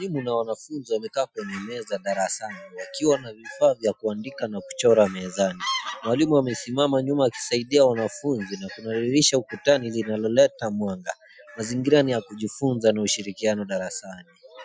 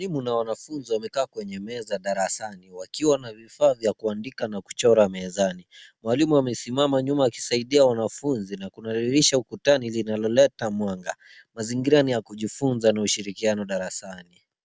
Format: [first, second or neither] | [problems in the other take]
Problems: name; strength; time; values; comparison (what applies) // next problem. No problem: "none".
second | noise reduction (classical method Wiener filter)